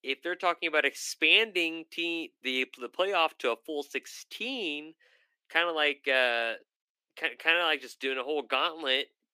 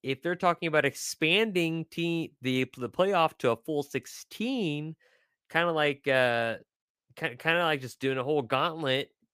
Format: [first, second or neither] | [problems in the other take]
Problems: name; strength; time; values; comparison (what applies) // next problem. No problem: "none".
second | thin; somewhat; fading below 300 Hz